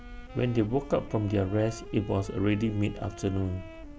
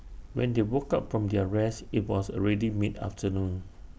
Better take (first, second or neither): second